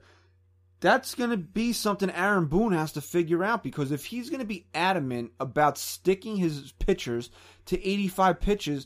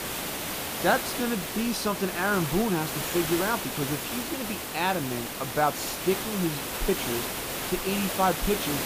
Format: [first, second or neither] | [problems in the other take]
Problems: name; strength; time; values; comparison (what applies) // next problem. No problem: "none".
first | hiss; loud; throughout; 2 dB below the speech